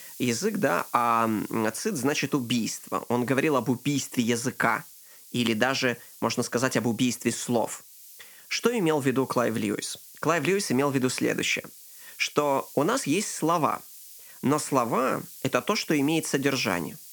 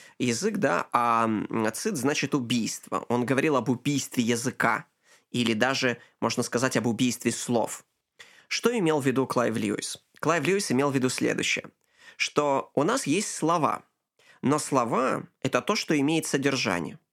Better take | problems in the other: second | hiss; noticeable; throughout; 20 dB below the speech

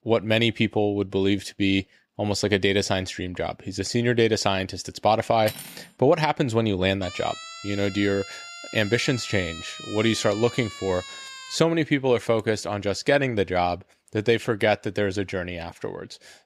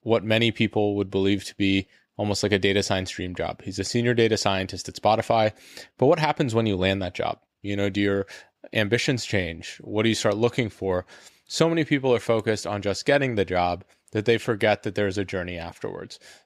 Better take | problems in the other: second | clattering dishes; faint; at 5.5 s; peak 10 dB below the speech // siren; faint; from 7 to 12 s; peak 10 dB below the speech

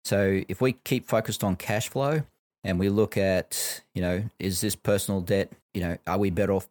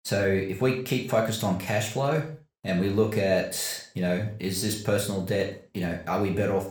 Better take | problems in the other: first | room echo; noticeable; dies away in 0.4 s // off-mic speech; somewhat distant

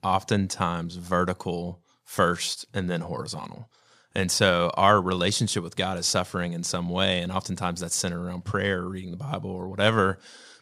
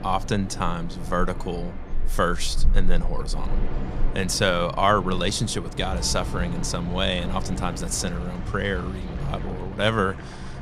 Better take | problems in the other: first | wind in the background; loud; throughout; 6 dB below the speech

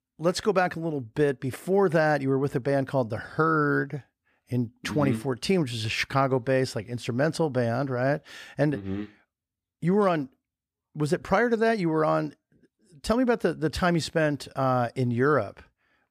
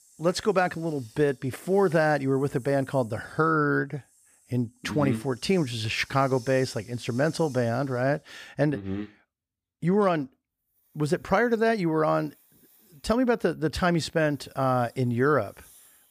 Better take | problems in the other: first | hiss; faint; throughout; 25 dB below the speech

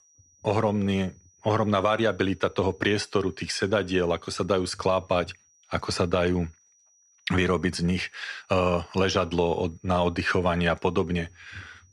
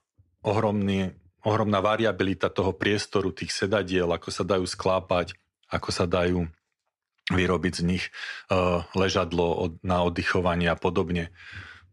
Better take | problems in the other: second | high-pitched whine; faint; throughout; 6 kHz, 35 dB below the speech

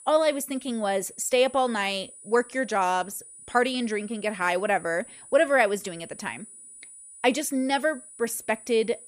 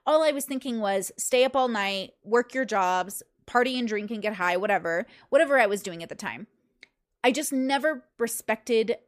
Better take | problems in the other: second | high-pitched whine; noticeable; throughout; 9.5 kHz, 20 dB below the speech

